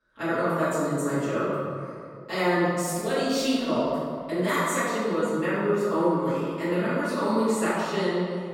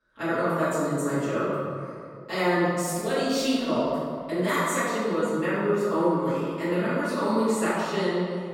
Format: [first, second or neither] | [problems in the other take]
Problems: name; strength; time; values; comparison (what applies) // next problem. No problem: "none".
neither | off-mic speech; far; the same in both // room echo; strong; dies away in 2.2 s; the same in both